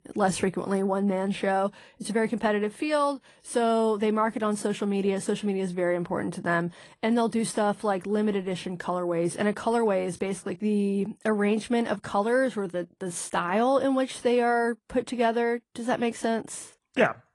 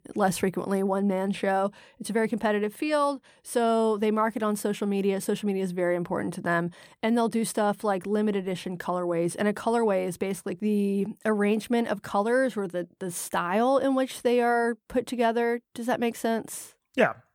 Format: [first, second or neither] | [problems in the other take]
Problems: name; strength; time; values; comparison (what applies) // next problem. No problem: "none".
second | garbled, watery; slightly; nothing above 10.5 kHz